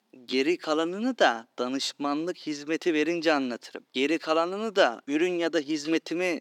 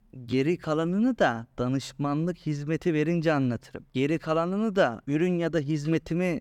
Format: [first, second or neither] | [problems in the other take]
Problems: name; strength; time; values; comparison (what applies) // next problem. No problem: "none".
second | thin; very slightly; fading below 300 Hz